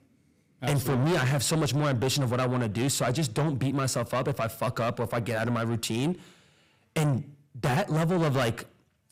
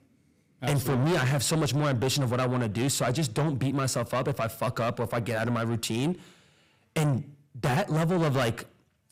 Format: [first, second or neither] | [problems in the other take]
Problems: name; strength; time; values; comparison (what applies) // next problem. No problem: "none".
neither | distortion; heavy; 6 dB below the speech; the same in both